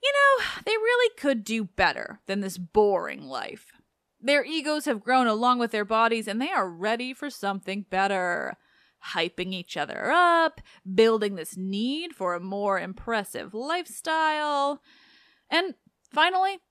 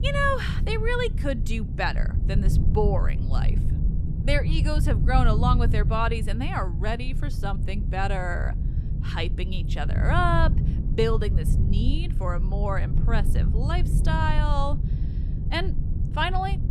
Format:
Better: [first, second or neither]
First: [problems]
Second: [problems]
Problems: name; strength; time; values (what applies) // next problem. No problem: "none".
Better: first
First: none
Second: low rumble; noticeable; throughout; 10 dB below the speech